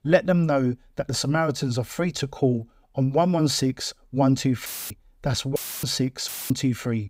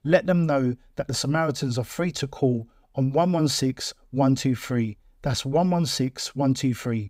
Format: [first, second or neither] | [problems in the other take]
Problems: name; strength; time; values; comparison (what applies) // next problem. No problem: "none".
second | audio cutting out; filled with static; at 4.5 s, at 5.5 s and at 6.5 s